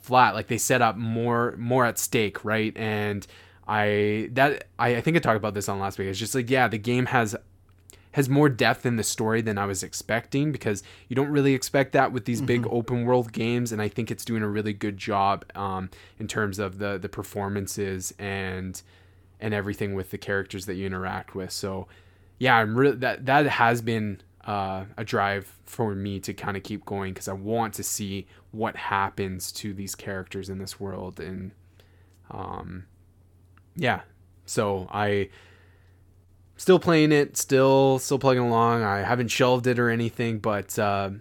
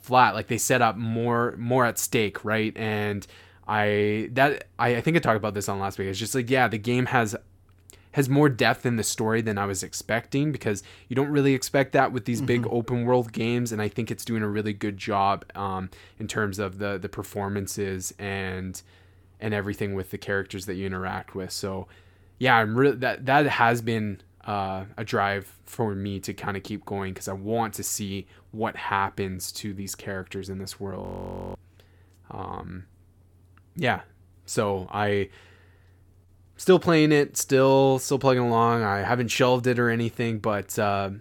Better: first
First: none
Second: audio freezing; at 31 s for 0.5 s

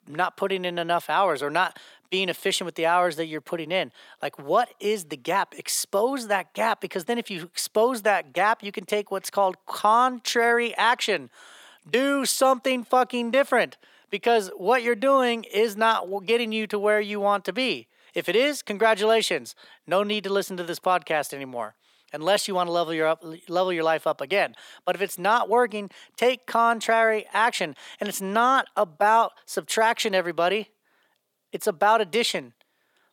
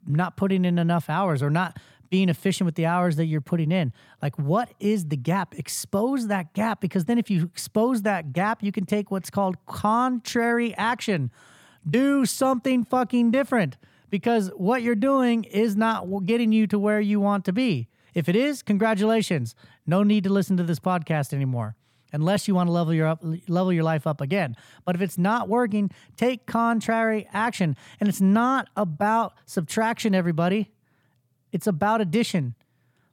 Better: second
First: thin; very; fading below 400 Hz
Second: none

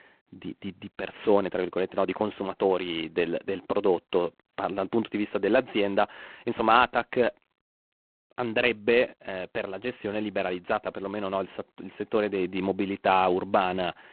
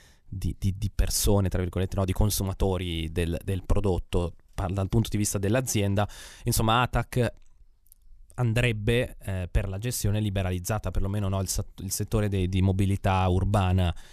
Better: second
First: phone-call audio; poor line; nothing above 4 kHz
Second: none

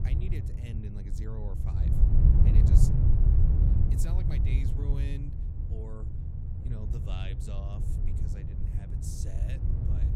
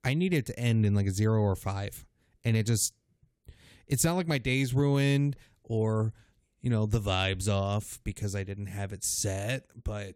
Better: second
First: wind noise on the microphone; heavy; 4 dB above the speech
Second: none

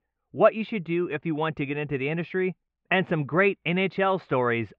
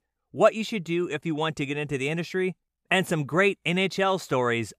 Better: second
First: muffled; very; fading above 3 kHz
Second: none

